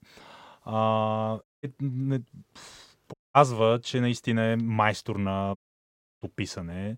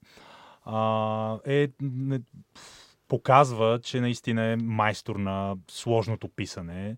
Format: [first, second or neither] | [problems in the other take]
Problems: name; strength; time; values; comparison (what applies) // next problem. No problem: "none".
second | audio cutting out; at 1.5 s, at 3 s and at 5.5 s for 0.5 s